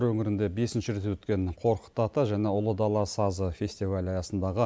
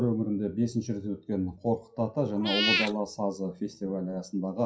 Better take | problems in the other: first | noise reduction (classical method WPE with log-MMSE)

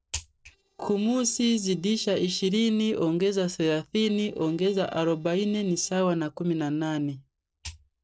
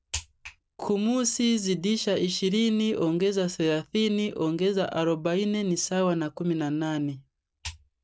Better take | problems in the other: second | noise reduction (neural separator model SepFormer DNS4)

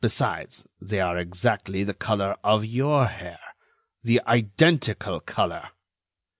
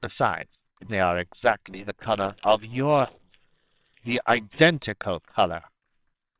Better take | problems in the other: first | noise reduction (neural separator model SepFormer WHAMR!)

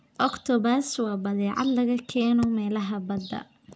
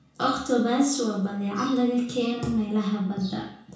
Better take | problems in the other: first | room echo; dies away in 0.5 s

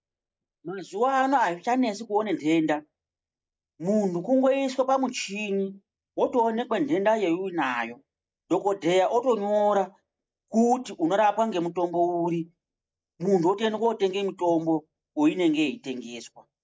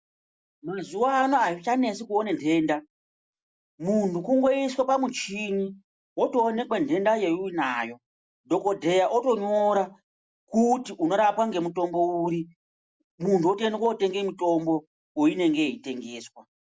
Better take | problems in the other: second | noise reduction (neural mask model DeepFilterNet 3)

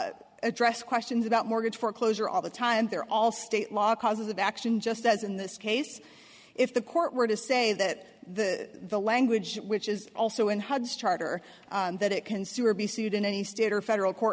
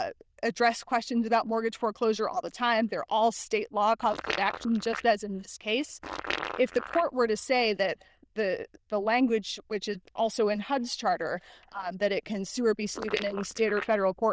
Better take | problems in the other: first | noise reduction (neural diffusion model UNIVERSE++)

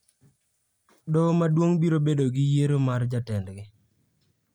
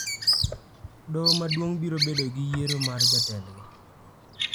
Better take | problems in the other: first | background sound (Bird vocalization, bird call, bird song); 2 dB above the speech

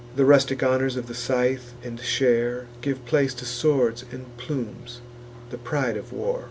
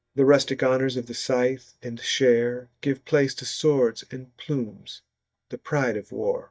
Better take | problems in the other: first | noise reduction (neural mask model DeepFilterNet 3)

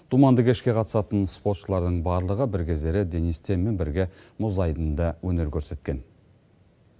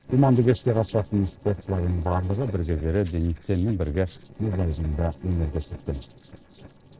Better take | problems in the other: first | noise reduction (neural separator model SepFormer DNS4)

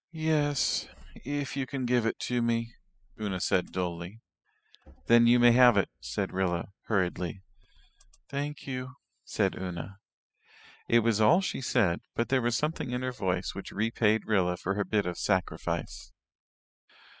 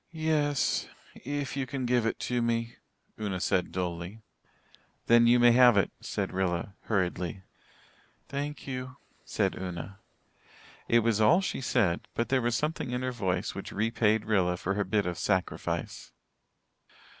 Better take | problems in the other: second | noise reduction (classical method spectral subtraction)

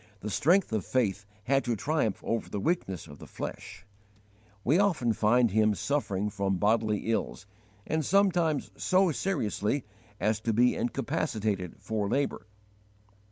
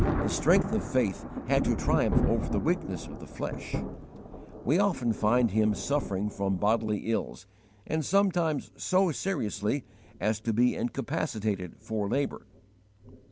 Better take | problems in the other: first | background sound (Thunder); 6 dB below the speech

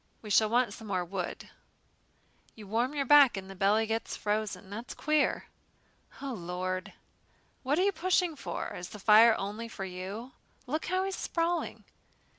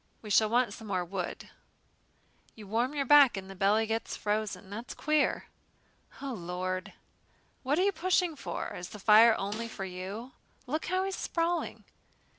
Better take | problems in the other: first | background sound (Snare drum); 15 dB below the speech

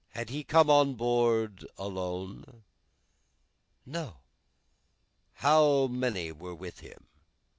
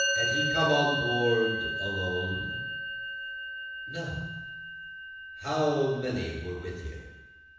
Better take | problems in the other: first | background sound (Musical instrument); 2 dB below the speech // room echo; dies away in 1.1 s

